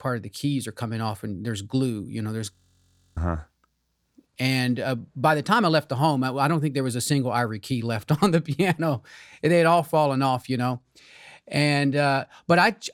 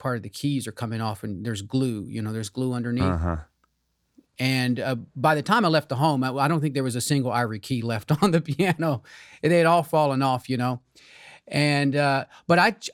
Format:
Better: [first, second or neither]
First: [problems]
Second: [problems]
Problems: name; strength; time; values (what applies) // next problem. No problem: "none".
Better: second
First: audio freezing; at 2.5 s for 0.5 s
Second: none